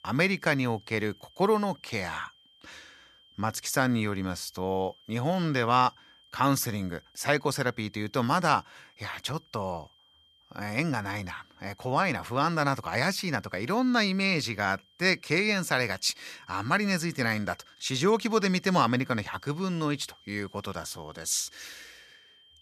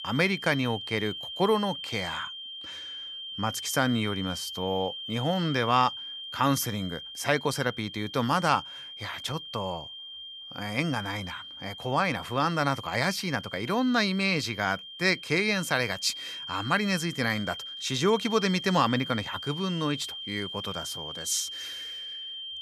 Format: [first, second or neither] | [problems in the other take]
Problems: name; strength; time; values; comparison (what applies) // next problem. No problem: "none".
first | high-pitched whine; loud; throughout; 3 kHz, 9 dB below the speech; faint in the first